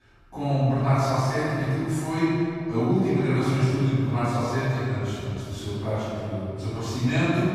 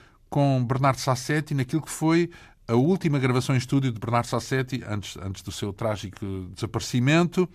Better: second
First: room echo; strong; dies away in 2.5 s // off-mic speech; far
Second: none

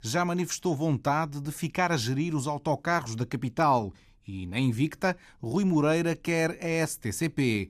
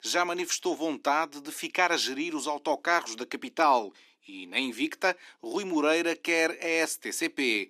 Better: first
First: none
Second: thin; somewhat; fading below 300 Hz

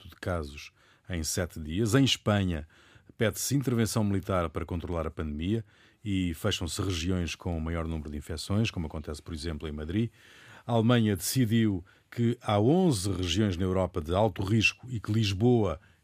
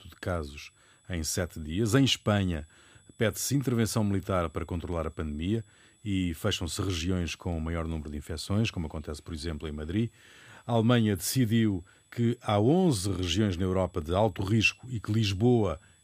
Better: first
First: none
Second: high-pitched whine; faint; throughout; 8 kHz, 35 dB below the speech

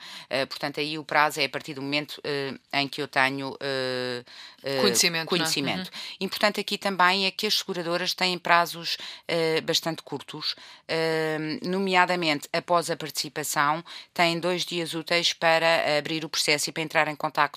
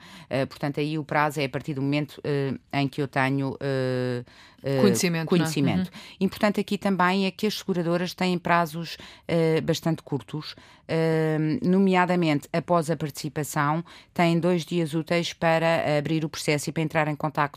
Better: second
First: thin; somewhat; fading below 850 Hz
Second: none

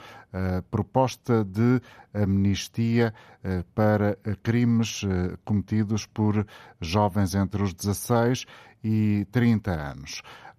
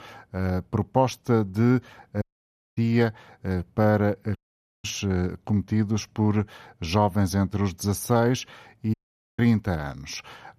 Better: first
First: none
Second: audio cutting out; at 2 s for 0.5 s, at 4.5 s and at 9 s

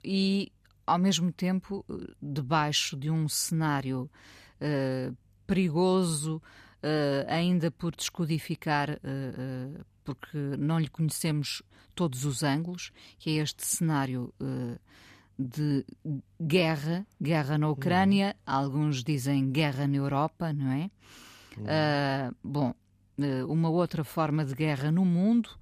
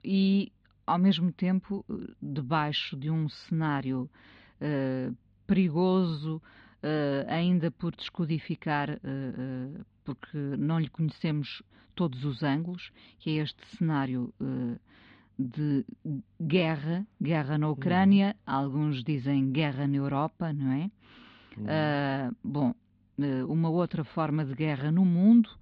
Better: first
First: none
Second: muffled; slightly; fading above 4 kHz

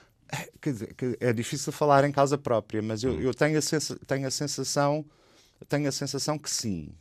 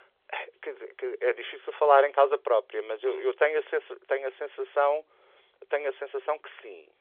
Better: first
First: none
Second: phone-call audio; nothing above 3.5 kHz

